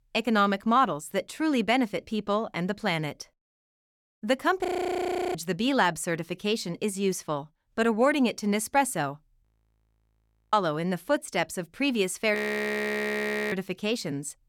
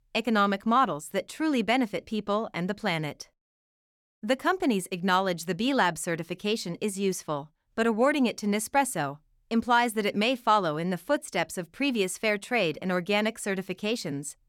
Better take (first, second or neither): second